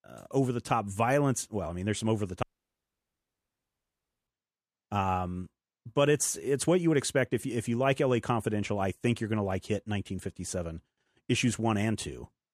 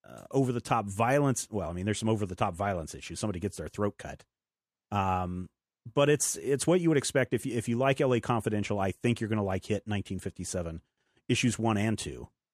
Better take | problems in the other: second | audio cutting out; at 2.5 s for 2 s

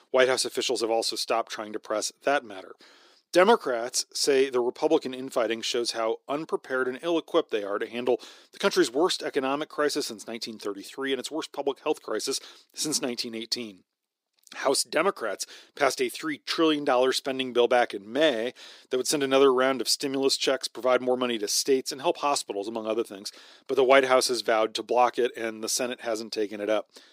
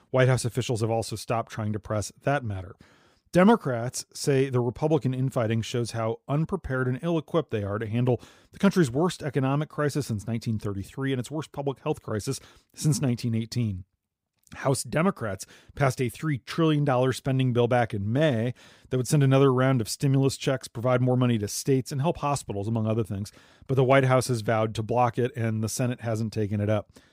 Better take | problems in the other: second | thin; somewhat; fading below 350 Hz

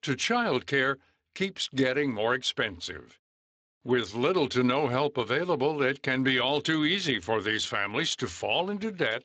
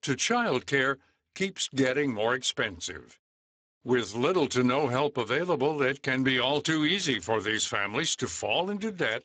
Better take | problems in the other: first | garbled, watery; badly; nothing above 7.5 kHz; slightly in the first

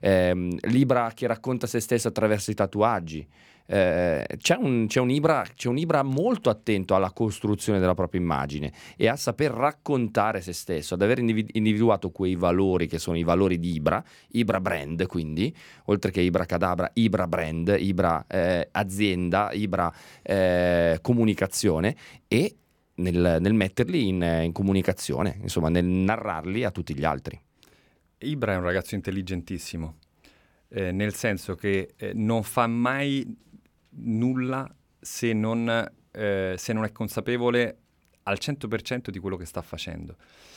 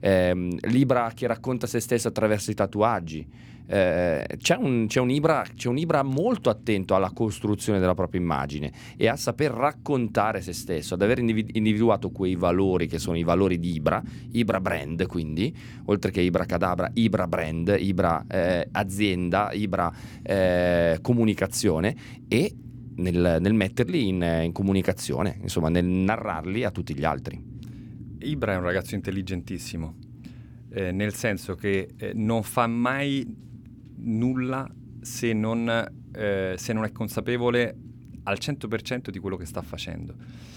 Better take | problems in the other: first | low rumble; faint; throughout; 25 dB below the speech

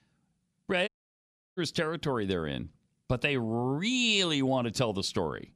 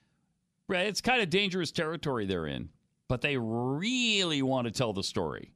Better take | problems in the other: second | audio cutting out; at 1 s for 0.5 s

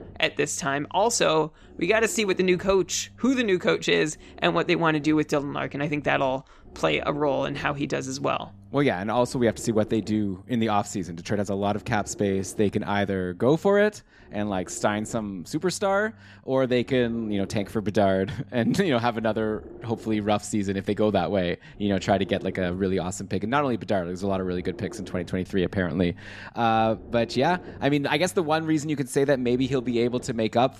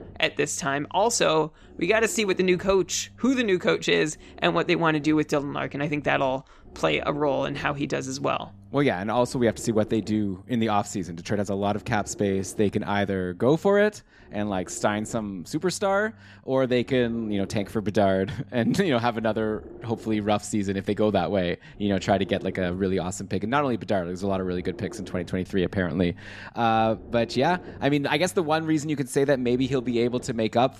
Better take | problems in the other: neither | low rumble; faint; throughout; 25 dB below the speech; the same in both

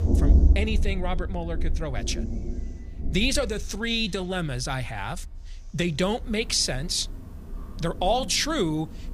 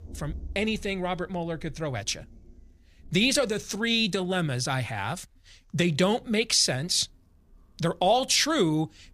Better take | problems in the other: second | rain or running water; loud; throughout; 2 dB below the speech; faint in the second

